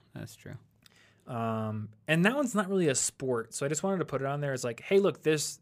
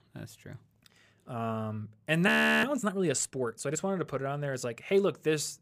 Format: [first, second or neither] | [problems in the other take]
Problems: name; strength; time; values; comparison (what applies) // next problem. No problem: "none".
first | audio freezing; at 2.5 s